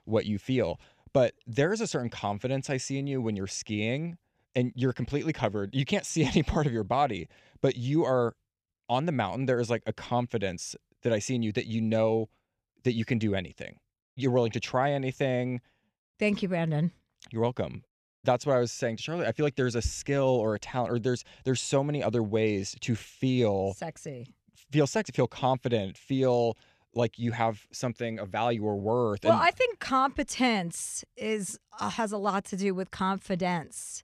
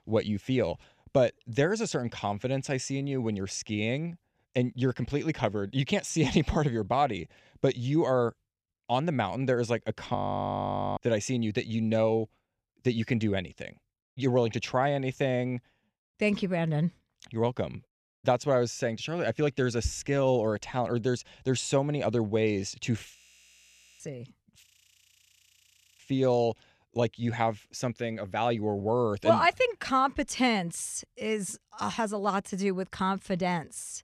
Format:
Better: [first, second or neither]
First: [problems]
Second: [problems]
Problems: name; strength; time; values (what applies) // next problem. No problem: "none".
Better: first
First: none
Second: audio freezing; at 10 s for 1 s, at 23 s for 1 s and at 25 s for 1.5 s